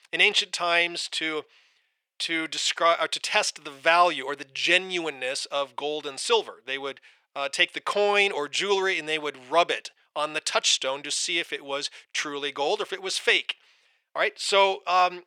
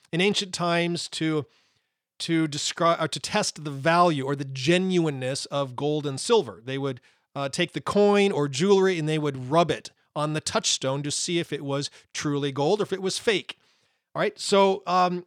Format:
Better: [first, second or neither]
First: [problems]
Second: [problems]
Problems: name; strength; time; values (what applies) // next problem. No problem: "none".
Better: second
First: thin; very; fading below 600 Hz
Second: none